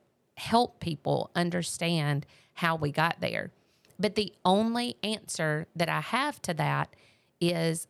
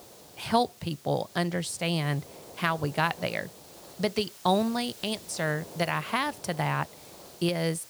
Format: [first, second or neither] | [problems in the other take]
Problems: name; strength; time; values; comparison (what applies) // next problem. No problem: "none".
first | hiss; noticeable; throughout; 20 dB below the speech